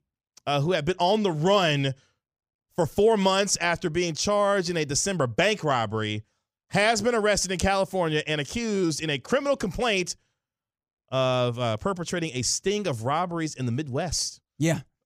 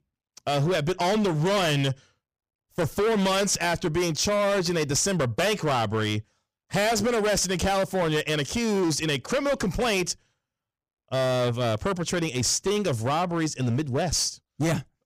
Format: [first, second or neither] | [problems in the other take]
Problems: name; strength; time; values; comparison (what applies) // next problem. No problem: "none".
first | distortion; heavy; 20% of the sound clipped